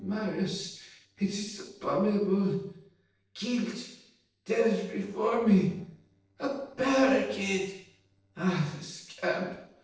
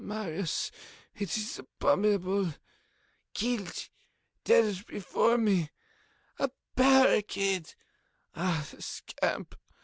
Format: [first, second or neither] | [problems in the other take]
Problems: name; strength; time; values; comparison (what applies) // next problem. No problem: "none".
second | noise reduction (neural separator model SepFormer DNS4)